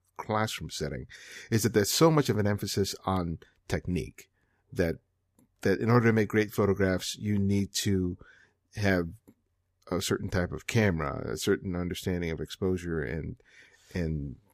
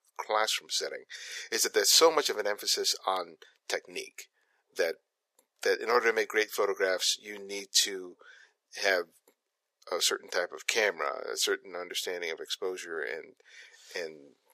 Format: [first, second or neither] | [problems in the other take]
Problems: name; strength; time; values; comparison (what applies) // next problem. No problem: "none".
first | thin; very; fading below 500 Hz